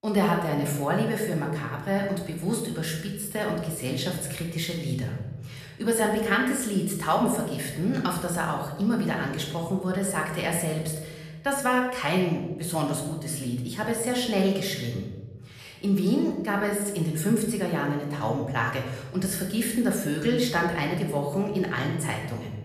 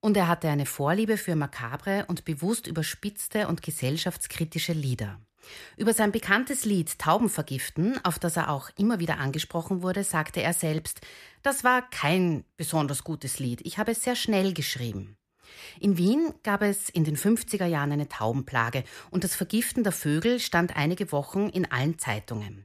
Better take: second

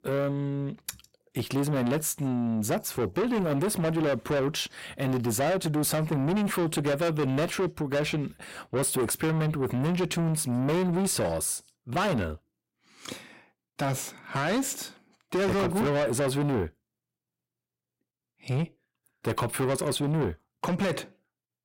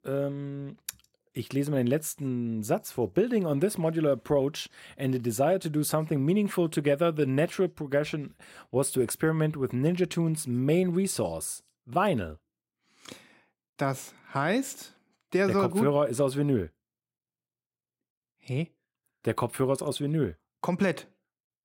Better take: second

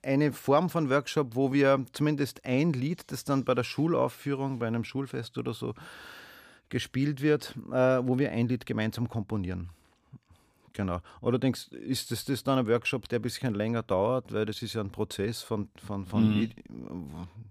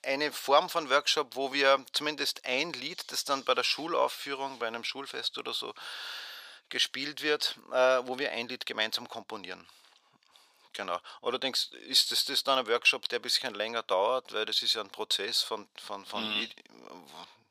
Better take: first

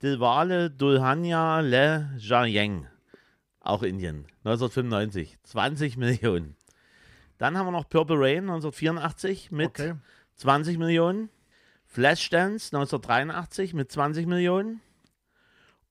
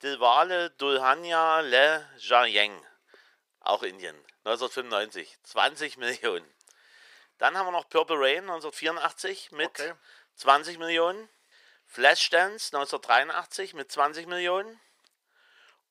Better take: first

